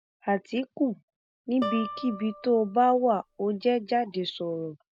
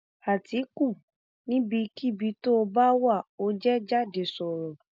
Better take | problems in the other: second | background sound (Guitar); 13 dB below the speech

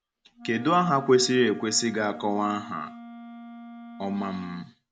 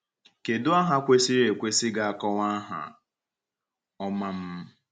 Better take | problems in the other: second | background sound (Wind instrument, woodwind instrument); 16 dB below the speech

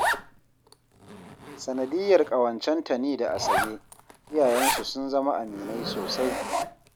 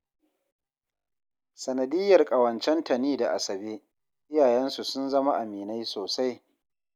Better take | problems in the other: second | background sound (Zipper (clothing)); 4 dB below the speech

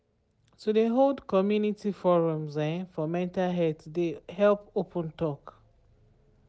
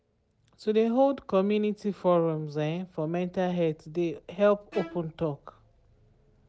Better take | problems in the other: first | background sound (Bowed string instrument); 18 dB below the speech

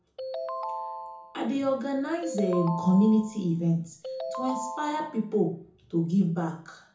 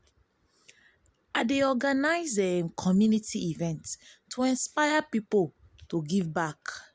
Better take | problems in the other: second | background sound (Ringtone); 9 dB below the speech // room echo; dies away in 0.6 s

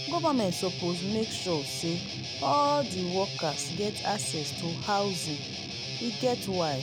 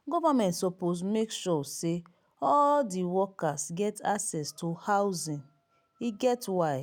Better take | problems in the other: second | background sound (Guitar); 5 dB below the speech

